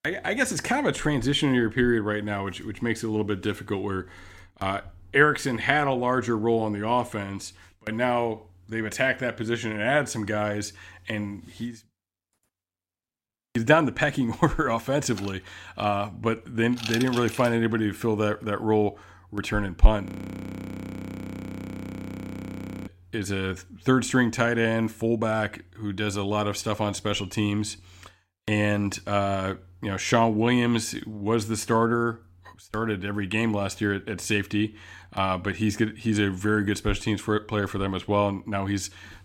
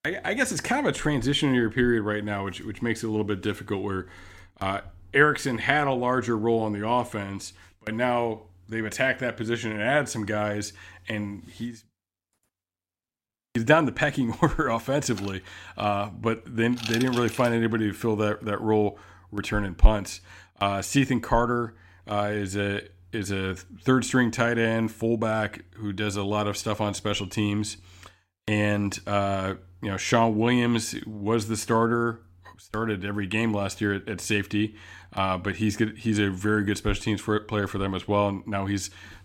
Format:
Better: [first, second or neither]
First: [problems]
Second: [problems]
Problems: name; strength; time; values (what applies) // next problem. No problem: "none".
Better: second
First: audio freezing; at 20 s for 3 s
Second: none